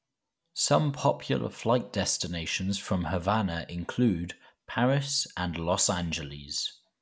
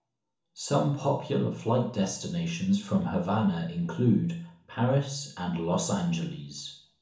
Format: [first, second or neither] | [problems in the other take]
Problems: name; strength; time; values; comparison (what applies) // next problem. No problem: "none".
first | room echo; dies away in 0.7 s